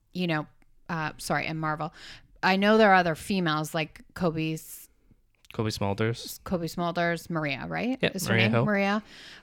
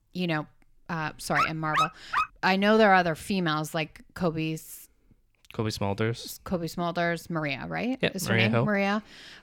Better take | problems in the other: first | dog barking; loud; at 1.5 s; peak level with the speech

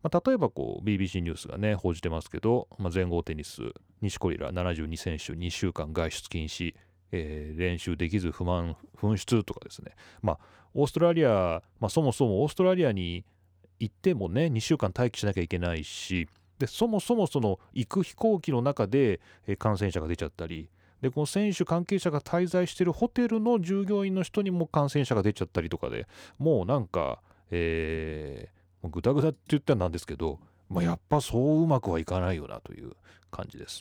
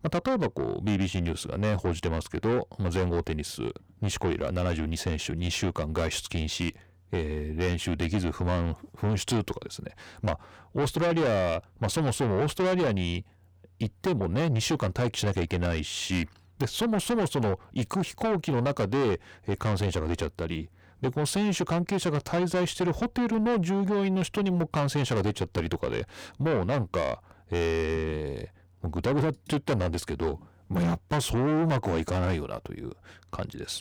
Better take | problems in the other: first | distortion; heavy; 6 dB below the speech

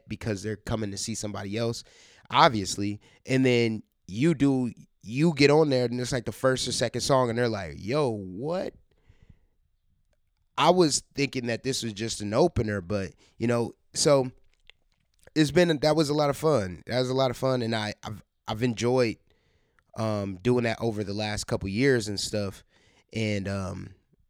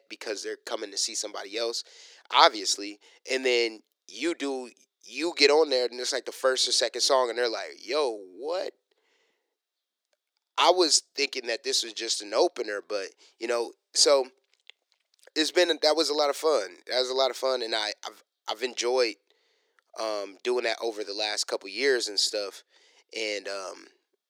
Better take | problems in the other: first | thin; very; fading below 350 Hz

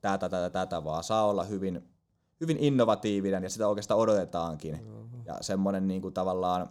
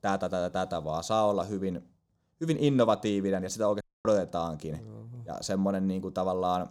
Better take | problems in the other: first | audio cutting out; at 4 s

